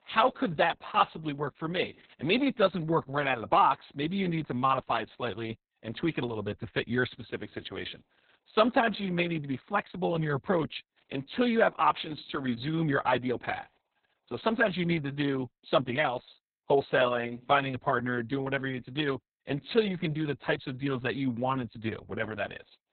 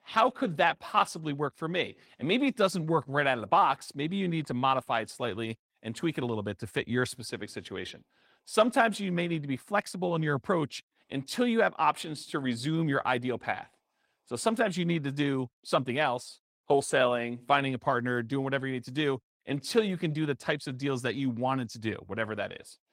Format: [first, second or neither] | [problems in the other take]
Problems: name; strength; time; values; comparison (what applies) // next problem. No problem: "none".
second | garbled, watery; badly; nothing above 4 kHz; slightly in the second